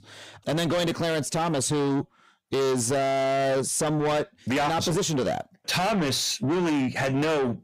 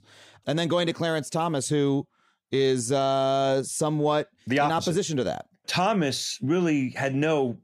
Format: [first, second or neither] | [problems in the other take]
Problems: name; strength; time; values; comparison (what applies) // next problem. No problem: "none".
second | distortion; heavy; 7 dB below the speech